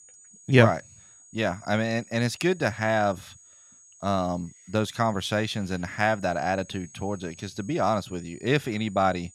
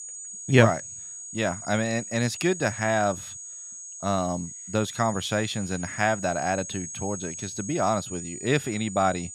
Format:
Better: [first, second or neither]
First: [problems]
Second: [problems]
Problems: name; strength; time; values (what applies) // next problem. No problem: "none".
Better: first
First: high-pitched whine; faint; throughout; 6.5 kHz, 25 dB below the speech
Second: high-pitched whine; loud; throughout; 6.5 kHz, 10 dB below the speech